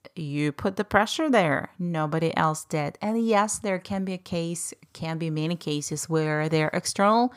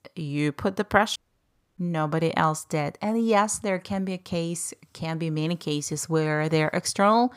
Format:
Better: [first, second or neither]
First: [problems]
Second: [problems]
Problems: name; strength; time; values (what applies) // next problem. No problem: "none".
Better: first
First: none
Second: audio cutting out; at 1 s for 0.5 s